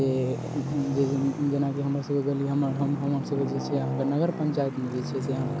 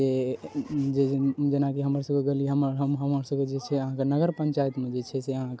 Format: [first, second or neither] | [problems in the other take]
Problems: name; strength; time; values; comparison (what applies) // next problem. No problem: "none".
second | background sound (Traffic noise, roadway noise); 6 dB below the speech